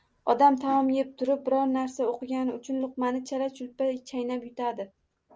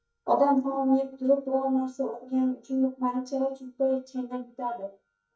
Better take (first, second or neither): first